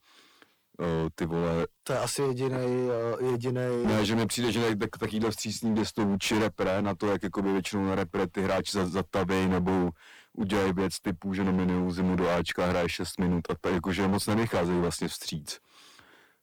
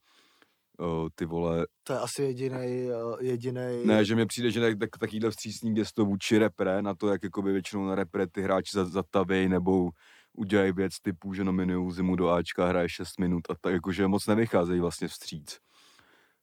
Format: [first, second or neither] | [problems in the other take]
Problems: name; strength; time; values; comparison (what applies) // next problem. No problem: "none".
second | distortion; heavy; 22% of the sound clipped